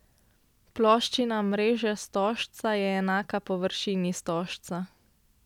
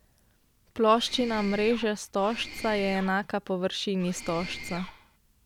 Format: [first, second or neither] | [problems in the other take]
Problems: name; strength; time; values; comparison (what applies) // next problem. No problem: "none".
first | background sound (Mechanisms); 13 dB below the speech